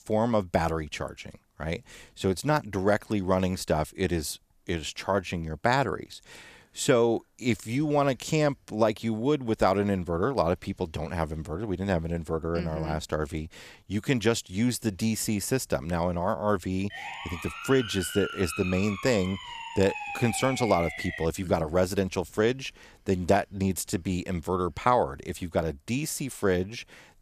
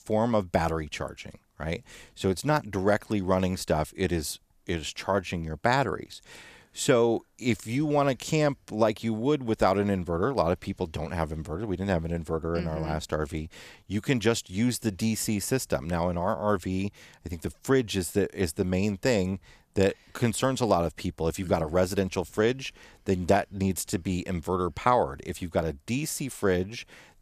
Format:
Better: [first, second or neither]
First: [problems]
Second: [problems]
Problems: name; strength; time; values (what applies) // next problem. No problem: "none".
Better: second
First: siren; noticeable; from 17 to 21 s; peak 6 dB below the speech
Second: none